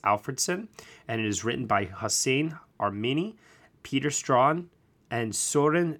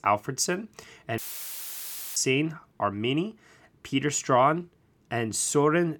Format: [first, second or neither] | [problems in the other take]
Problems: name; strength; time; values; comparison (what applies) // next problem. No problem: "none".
first | audio cutting out; filled with static; at 1 s for 1 s